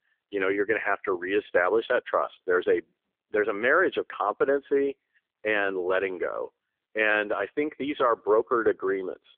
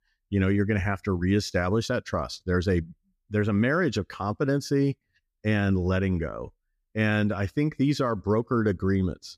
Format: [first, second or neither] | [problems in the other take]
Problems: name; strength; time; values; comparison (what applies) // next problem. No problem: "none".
second | phone-call audio; poor line; nothing above 3.5 kHz